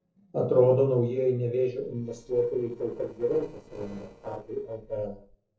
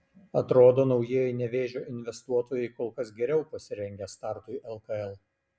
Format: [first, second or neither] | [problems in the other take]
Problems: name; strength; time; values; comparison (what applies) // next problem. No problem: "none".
second | noise reduction (neural separator model SepFormer DNS4)